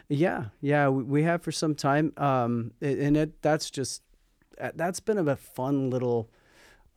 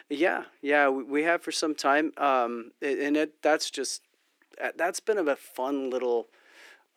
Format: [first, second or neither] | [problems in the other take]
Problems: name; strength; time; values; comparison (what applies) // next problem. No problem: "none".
first | thin; somewhat; fading below 300 Hz